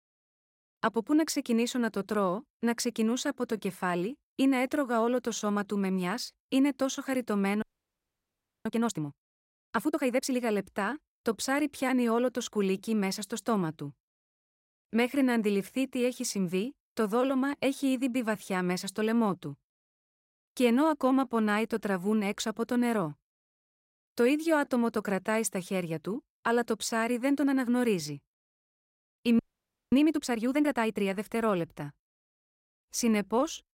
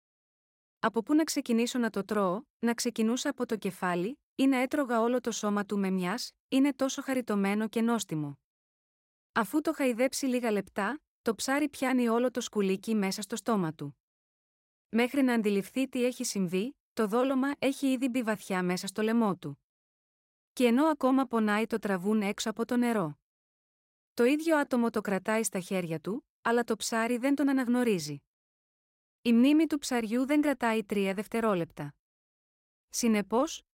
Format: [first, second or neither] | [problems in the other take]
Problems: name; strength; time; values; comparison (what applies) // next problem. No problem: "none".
second | audio freezing; at 7.5 s for 1 s and at 29 s for 0.5 s